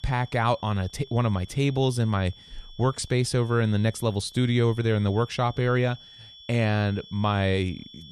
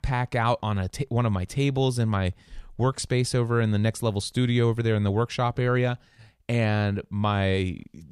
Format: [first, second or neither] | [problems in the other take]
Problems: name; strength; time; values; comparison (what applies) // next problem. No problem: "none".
second | high-pitched whine; faint; throughout; 3.5 kHz, 20 dB below the speech